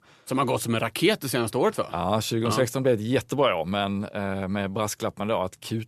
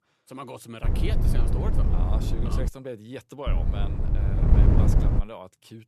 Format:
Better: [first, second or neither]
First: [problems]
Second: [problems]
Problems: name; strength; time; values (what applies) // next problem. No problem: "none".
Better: first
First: none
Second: wind noise on the microphone; heavy; from 1 to 2.5 s and from 3.5 to 5 s; 2 dB above the speech